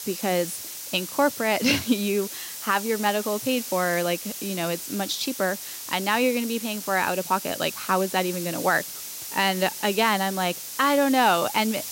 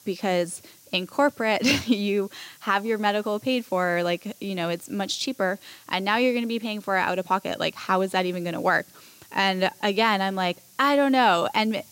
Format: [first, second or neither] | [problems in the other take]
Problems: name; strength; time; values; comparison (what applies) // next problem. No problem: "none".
second | hiss; loud; throughout; 8 dB below the speech; faint in the second